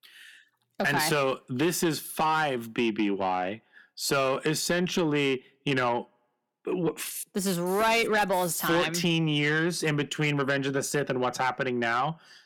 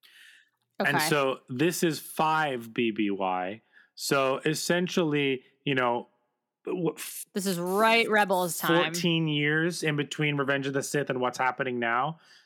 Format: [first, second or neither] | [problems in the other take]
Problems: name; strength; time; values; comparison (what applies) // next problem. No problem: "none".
second | distortion; slight; 10 dB below the speech